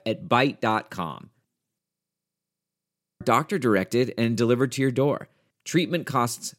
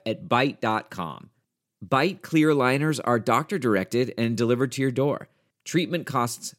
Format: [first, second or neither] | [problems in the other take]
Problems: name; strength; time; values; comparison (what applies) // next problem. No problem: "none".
second | audio freezing; at 2 s for 1.5 s